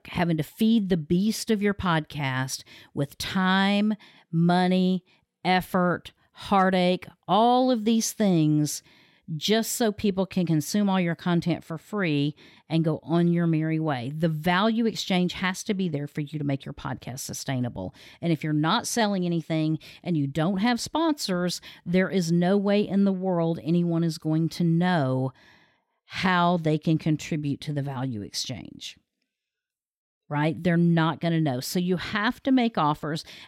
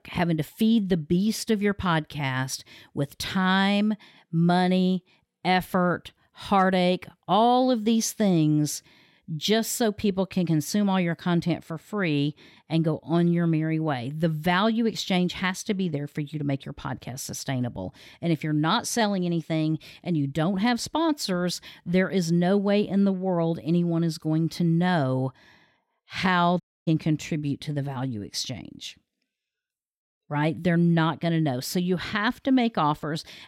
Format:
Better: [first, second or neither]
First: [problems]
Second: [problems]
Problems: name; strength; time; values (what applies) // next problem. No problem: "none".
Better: first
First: none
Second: audio cutting out; at 27 s